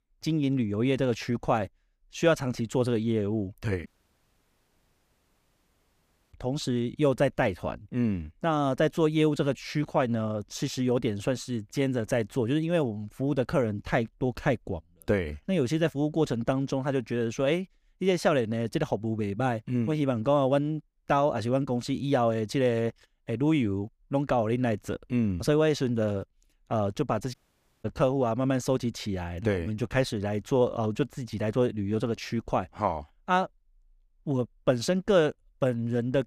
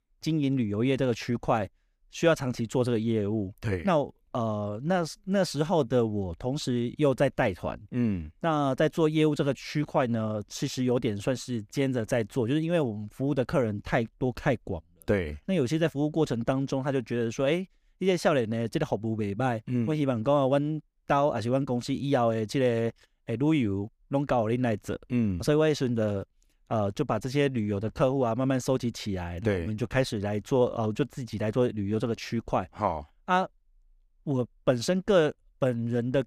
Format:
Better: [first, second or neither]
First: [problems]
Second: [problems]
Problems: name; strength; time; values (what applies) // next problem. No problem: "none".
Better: second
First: audio cutting out; at 4 s for 2.5 s and at 27 s for 0.5 s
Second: none